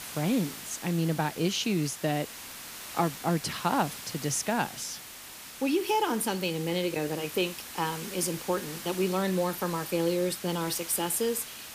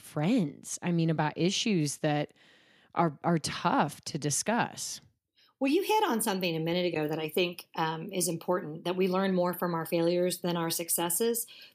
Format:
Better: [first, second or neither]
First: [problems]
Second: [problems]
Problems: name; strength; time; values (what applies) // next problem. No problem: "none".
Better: second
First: hiss; noticeable; throughout; 10 dB below the speech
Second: none